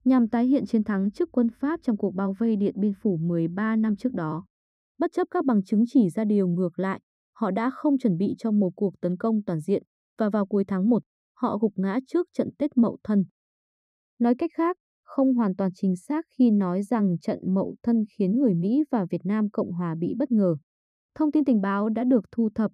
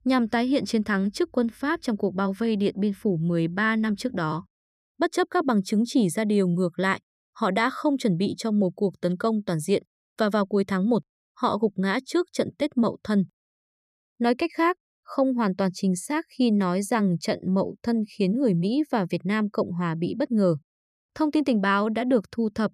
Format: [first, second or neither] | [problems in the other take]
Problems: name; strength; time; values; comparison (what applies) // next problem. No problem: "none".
second | muffled; slightly; fading above 1.5 kHz